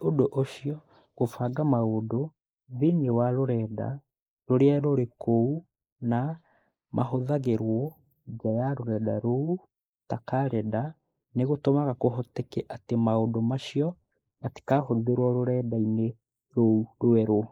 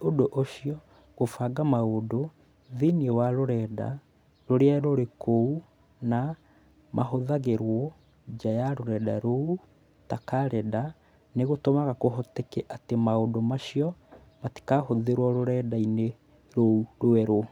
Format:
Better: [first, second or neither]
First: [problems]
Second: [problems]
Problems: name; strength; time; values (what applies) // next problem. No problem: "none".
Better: second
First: noise reduction (neural mask model Resemble Enhance denoiser)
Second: none